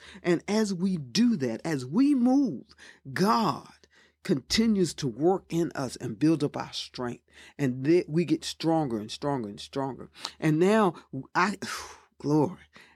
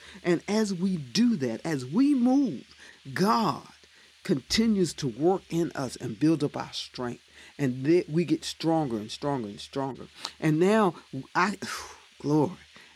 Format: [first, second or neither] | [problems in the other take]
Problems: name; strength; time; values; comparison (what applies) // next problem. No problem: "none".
first | hiss; faint; throughout; 25 dB below the speech